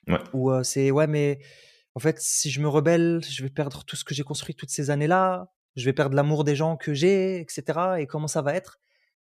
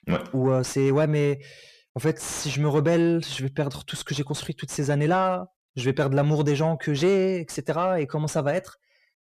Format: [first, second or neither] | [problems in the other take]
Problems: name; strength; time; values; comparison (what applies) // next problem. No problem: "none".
first | distortion; slight; 10 dB below the speech